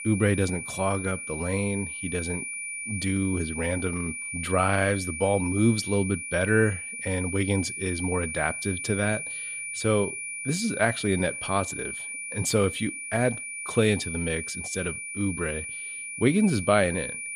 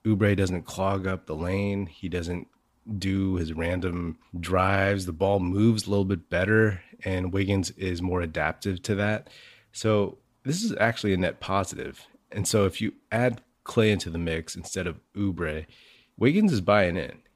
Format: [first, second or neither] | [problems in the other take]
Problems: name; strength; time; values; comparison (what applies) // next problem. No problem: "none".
second | high-pitched whine; loud; throughout; 2.5 kHz, 6 dB below the speech